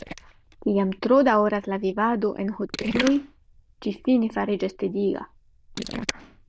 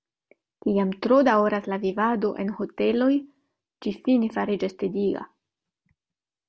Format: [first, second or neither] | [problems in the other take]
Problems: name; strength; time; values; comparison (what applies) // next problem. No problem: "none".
second | noise reduction (neural diffusion model UNIVERSE++)